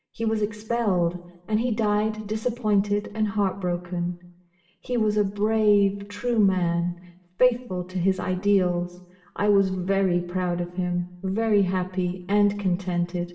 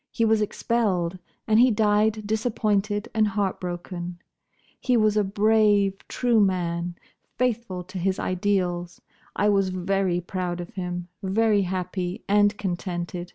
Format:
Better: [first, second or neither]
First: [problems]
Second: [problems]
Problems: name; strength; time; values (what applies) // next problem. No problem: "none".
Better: second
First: room echo; dies away in 0.8 s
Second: none